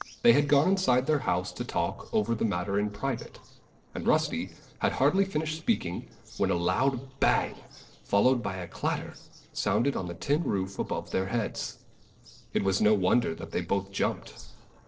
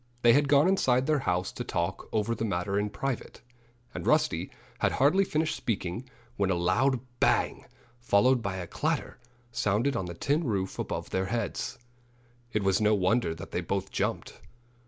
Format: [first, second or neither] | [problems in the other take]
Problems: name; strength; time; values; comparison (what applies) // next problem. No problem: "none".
second | noise reduction (neural separator model SepFormer DNS4)